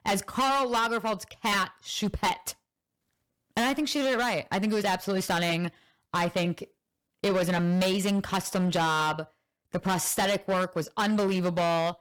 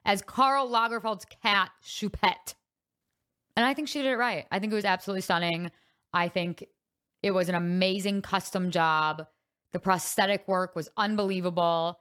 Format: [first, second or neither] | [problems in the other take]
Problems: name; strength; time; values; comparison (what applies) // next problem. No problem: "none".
second | distortion; heavy; 16% of the sound clipped